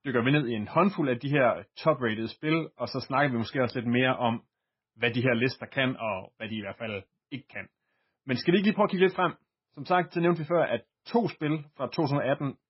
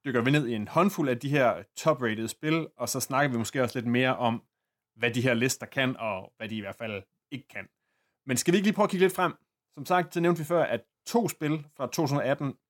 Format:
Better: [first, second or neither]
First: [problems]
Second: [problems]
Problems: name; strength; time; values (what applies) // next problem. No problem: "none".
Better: second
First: garbled, watery; badly; nothing above 5.5 kHz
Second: none